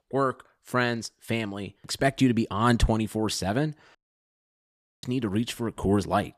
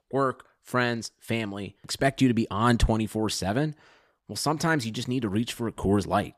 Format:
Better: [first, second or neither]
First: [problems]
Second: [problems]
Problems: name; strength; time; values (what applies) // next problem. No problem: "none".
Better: second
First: audio cutting out; at 4 s for 1 s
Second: none